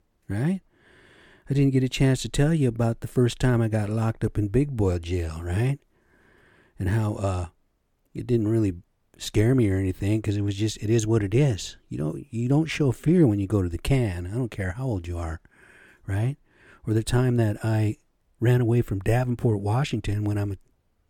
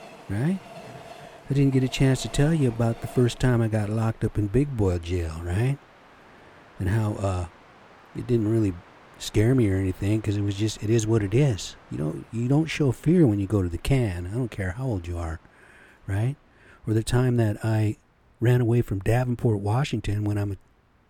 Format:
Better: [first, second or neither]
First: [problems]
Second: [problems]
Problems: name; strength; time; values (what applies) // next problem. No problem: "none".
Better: first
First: none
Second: train or aircraft noise; faint; throughout; 25 dB below the speech